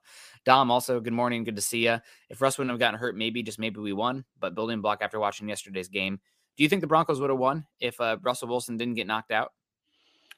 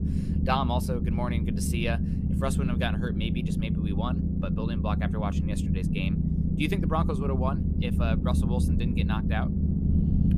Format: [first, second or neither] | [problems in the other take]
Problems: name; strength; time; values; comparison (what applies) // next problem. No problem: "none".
first | low rumble; loud; throughout; 4 dB below the speech